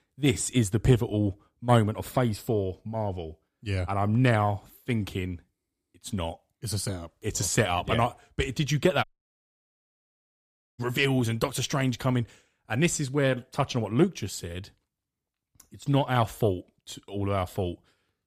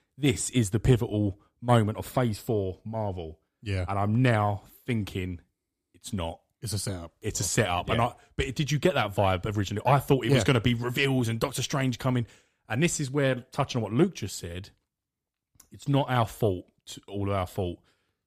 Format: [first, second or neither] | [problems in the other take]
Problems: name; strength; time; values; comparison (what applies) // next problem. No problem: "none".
second | audio cutting out; at 9 s for 1.5 s